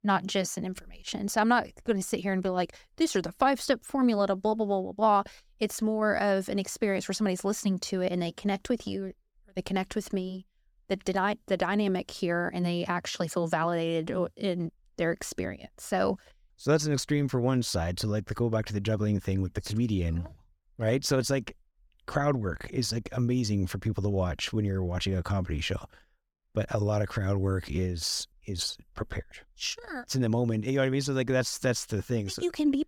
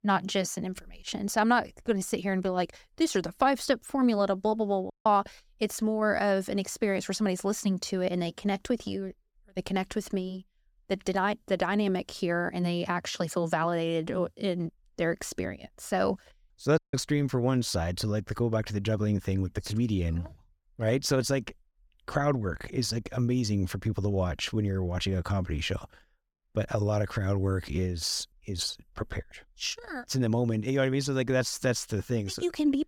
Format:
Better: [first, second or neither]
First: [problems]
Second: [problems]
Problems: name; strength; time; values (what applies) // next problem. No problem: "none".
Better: first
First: none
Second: audio cutting out; at 5 s and at 17 s